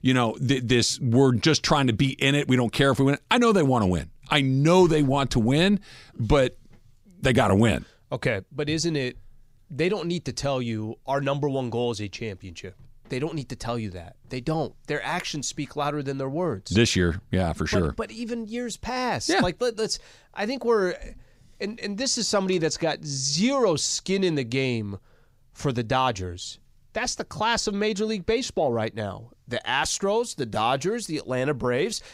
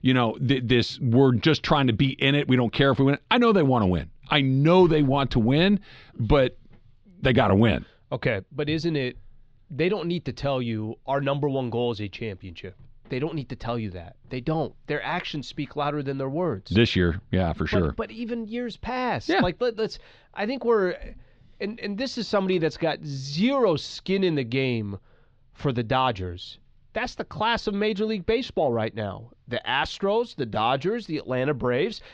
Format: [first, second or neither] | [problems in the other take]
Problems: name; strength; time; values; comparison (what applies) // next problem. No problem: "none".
first | muffled; slightly; fading above 3.5 kHz